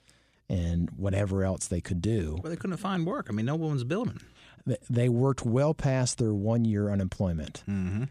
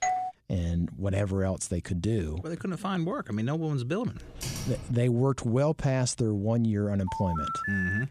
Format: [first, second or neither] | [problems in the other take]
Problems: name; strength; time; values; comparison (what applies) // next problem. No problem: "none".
first | doorbell; noticeable; at the start; peak level with the speech // keyboard typing; noticeable; at 4 s; peak 6 dB below the speech // phone ringing; noticeable; at 7 s; peak 1 dB below the speech